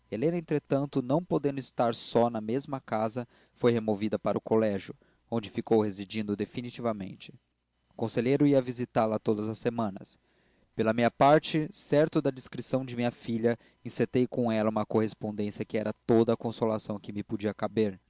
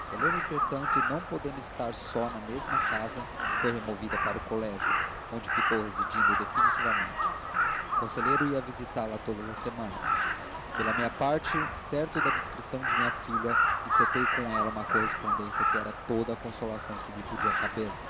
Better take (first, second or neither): first